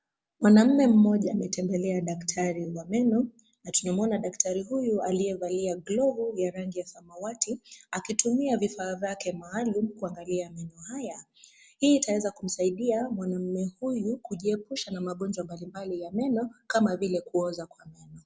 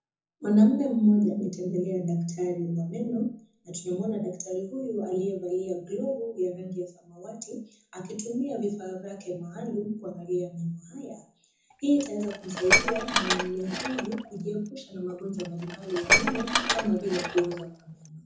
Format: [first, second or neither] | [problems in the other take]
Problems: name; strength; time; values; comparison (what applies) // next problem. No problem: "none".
first | background sound (Dishes, pots, and pans); as loud as the speech // room echo; dies away in 0.5 s